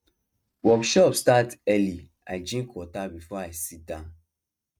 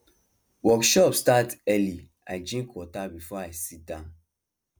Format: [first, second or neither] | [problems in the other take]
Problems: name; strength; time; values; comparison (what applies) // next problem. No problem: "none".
second | noise reduction (neural mask model RNNoise)